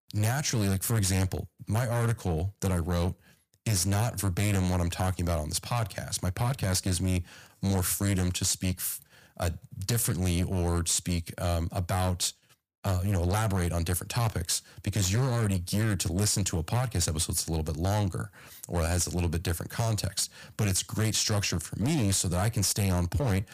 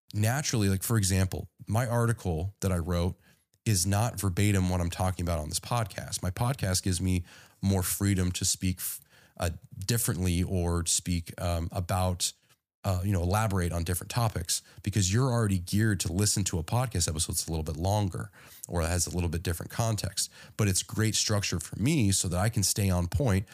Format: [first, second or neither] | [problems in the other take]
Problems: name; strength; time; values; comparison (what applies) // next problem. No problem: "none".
second | distortion; slight; 12% of the sound clipped